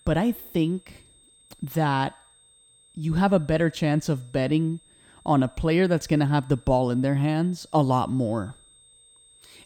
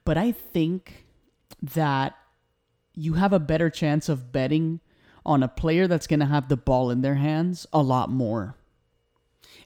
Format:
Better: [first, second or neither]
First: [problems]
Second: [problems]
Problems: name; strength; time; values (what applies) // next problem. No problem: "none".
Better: second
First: high-pitched whine; faint; throughout; 8.5 kHz, 30 dB below the speech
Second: none